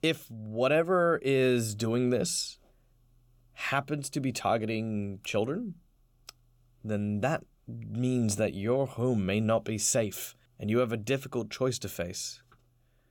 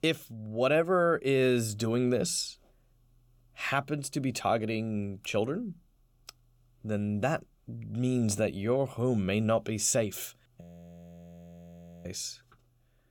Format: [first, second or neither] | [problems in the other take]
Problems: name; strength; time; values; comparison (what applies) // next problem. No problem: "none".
first | audio freezing; at 11 s for 1.5 s